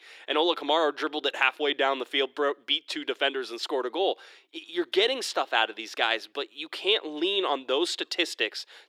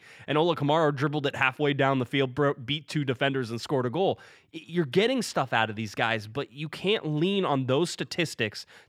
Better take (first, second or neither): second